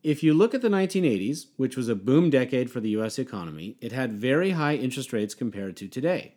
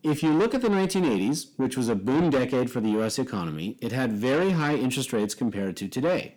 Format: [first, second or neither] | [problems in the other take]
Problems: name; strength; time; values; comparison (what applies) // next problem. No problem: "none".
first | distortion; heavy; 7 dB below the speech